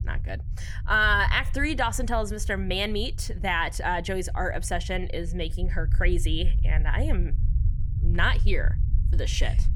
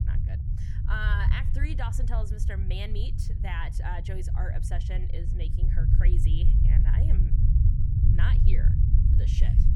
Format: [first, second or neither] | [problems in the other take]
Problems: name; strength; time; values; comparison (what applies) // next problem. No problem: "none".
first | low rumble; loud; throughout; 4 dB below the speech; faint in the first